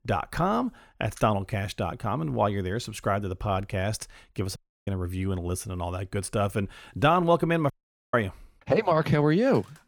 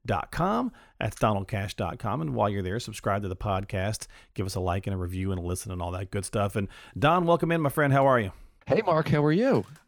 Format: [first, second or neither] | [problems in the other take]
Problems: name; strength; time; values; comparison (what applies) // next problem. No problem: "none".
second | audio cutting out; at 4.5 s and at 7.5 s